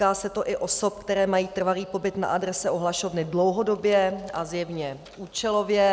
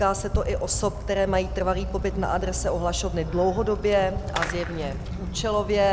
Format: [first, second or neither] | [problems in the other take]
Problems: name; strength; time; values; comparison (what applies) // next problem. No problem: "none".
first | background sound (Fireworks); 5 dB below the speech